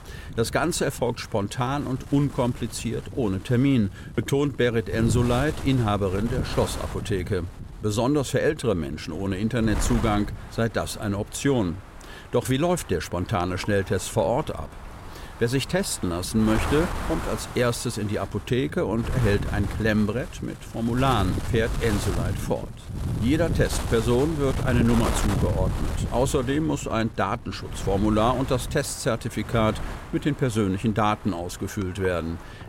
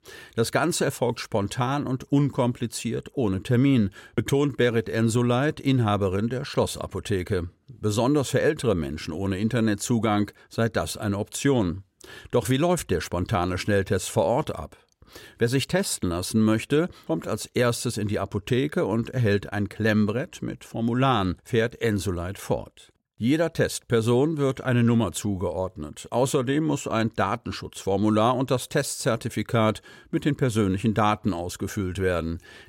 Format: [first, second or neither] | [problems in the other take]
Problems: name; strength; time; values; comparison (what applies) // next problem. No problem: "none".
second | wind noise on the microphone; occasional gusts; 10 dB below the speech